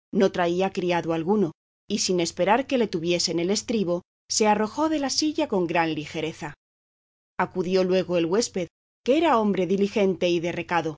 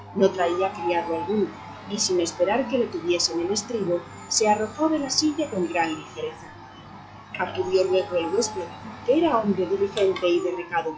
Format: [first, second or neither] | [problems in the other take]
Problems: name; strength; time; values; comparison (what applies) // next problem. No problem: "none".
first | noise reduction (classical method log-MMSE)